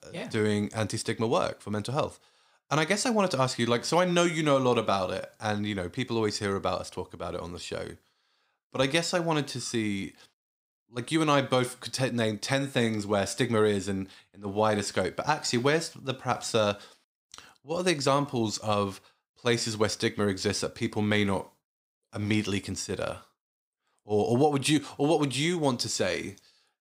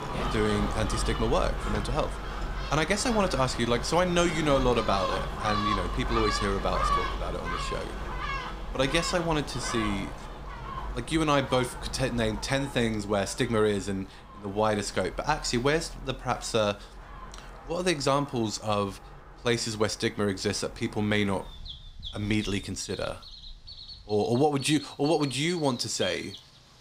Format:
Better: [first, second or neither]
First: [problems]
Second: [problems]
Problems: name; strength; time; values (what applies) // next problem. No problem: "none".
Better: first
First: none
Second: animal sounds; loud; throughout; 7 dB below the speech